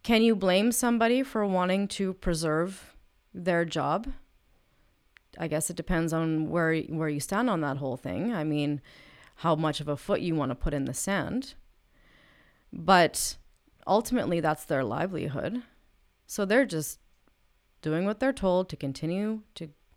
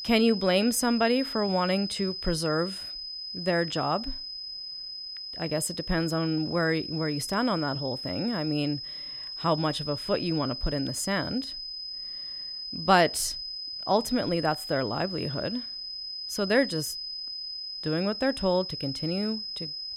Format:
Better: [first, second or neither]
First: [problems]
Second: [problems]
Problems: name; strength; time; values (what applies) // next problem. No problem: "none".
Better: first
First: none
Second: high-pitched whine; loud; throughout; 5 kHz, 6 dB below the speech